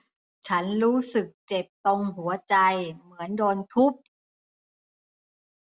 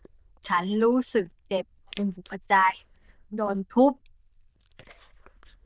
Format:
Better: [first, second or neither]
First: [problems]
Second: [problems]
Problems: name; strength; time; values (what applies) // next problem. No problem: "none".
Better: first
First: none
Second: noise reduction (neural diffusion model UNIVERSE++)